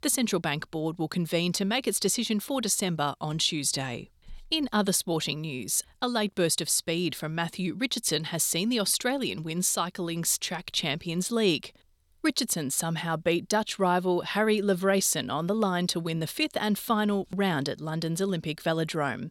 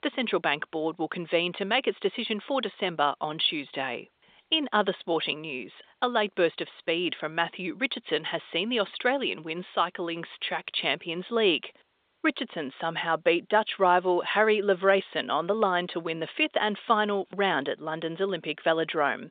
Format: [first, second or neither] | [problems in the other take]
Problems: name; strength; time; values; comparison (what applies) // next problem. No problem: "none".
first | phone-call audio; nothing above 3.5 kHz